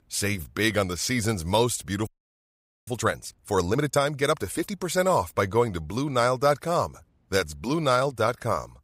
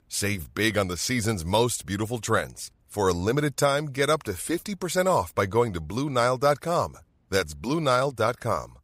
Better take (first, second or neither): second